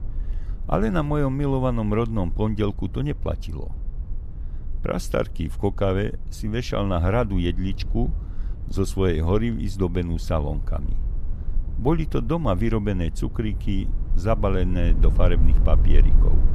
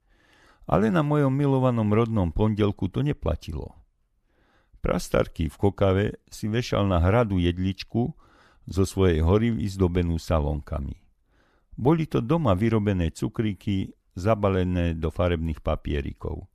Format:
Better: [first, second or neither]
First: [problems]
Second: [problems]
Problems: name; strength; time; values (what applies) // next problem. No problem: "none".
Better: second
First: low rumble; noticeable; throughout; 20 dB below the speech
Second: none